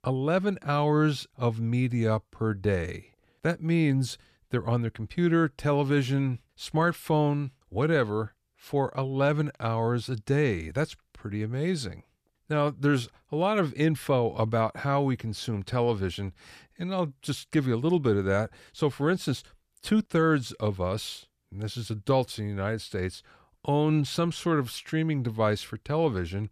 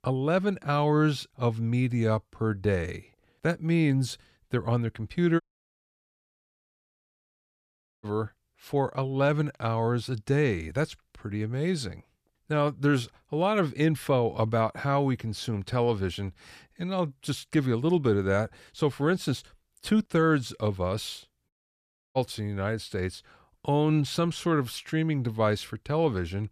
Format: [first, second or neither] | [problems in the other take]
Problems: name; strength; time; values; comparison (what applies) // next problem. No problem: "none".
first | audio cutting out; at 5.5 s for 2.5 s and at 22 s for 0.5 s